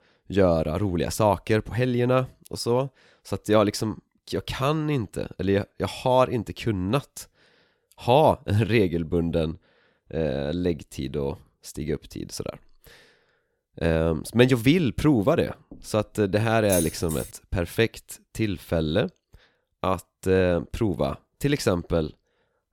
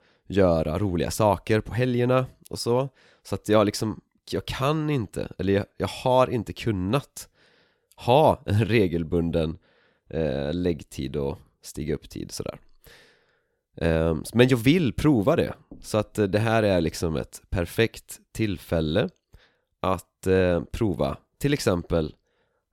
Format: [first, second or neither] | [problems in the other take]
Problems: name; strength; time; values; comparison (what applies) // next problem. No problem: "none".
second | jangling keys; noticeable; at 17 s; peak 4 dB below the speech